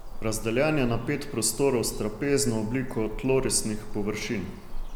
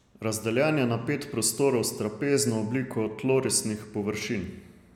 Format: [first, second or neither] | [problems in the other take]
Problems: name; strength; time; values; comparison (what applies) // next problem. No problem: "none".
second | background sound (Bird vocalization, bird call, bird song); 7 dB below the speech